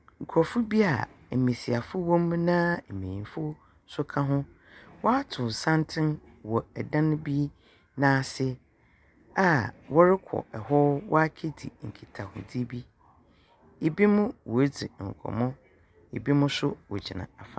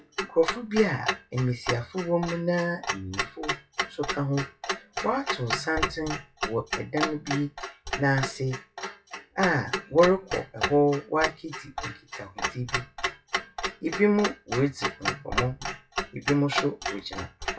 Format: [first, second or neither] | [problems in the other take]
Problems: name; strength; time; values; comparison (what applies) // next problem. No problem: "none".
first | noise reduction (classical method WPE with log-MMSE)